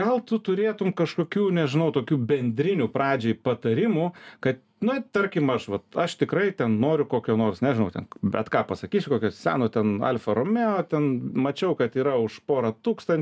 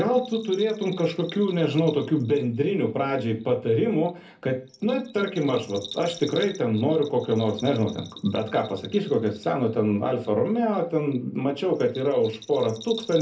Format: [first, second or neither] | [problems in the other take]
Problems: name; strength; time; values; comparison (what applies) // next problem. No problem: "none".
first | background sound (Bell); 20 dB below the speech // room echo; dies away in 0.3 s